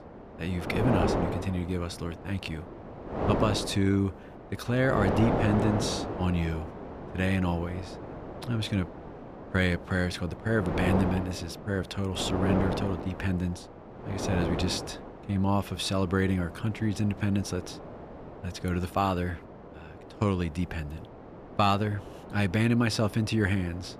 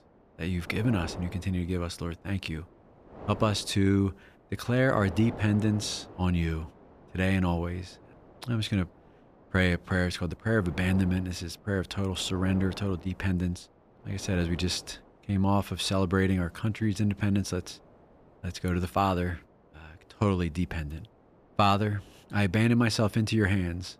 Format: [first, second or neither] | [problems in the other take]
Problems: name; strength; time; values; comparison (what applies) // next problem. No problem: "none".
second | wind noise on the microphone; heavy; 4 dB below the speech; occasional gusts in the second